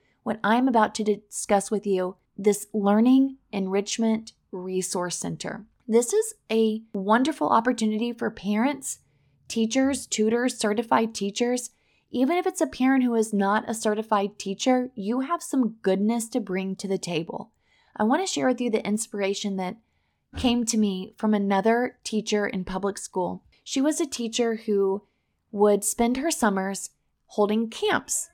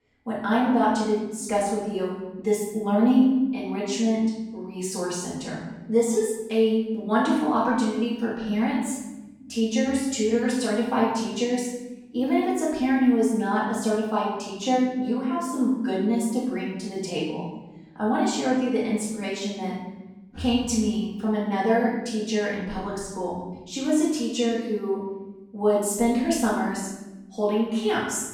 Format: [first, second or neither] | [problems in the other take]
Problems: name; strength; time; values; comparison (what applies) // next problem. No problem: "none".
first | room echo; noticeable; dies away in 1.1 s // off-mic speech; far